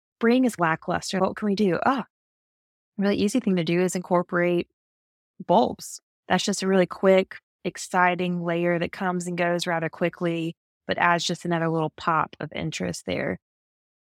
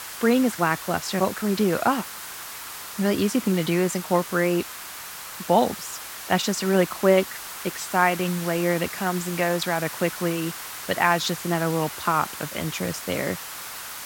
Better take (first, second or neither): first